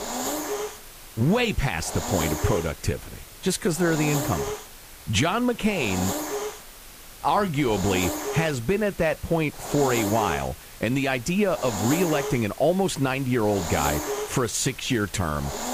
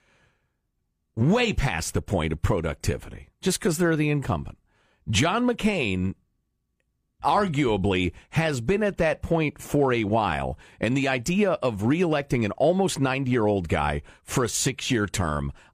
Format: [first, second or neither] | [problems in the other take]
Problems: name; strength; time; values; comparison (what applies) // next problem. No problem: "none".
second | hiss; loud; throughout; 7 dB below the speech